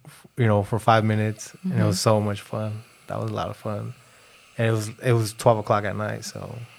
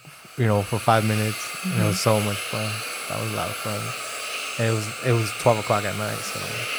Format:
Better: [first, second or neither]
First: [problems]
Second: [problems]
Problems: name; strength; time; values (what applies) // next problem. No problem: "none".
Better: first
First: hiss; faint; throughout; 30 dB below the speech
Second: hiss; loud; throughout; 5 dB below the speech